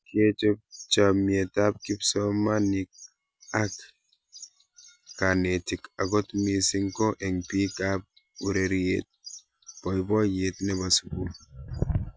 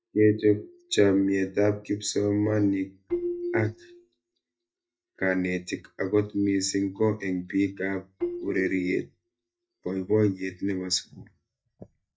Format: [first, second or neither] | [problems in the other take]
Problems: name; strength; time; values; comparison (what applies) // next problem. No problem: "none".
first | noise reduction (neural mask model DeepFilterNet 3)